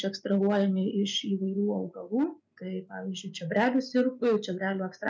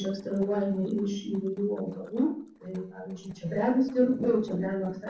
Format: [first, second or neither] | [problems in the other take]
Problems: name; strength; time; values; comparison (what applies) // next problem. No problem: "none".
first | noise reduction (neural separator model SepFormer DNS4)